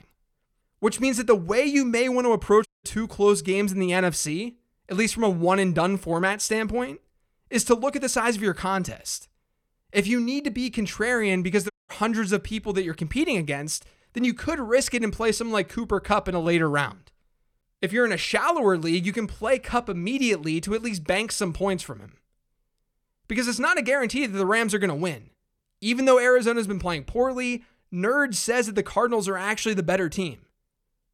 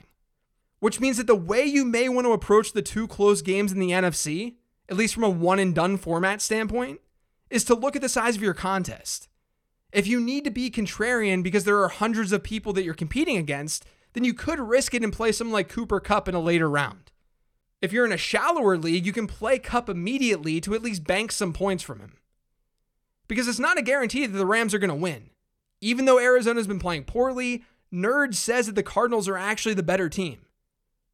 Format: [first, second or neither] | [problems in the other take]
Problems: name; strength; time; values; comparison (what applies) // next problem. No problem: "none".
second | audio cutting out; at 2.5 s and at 12 s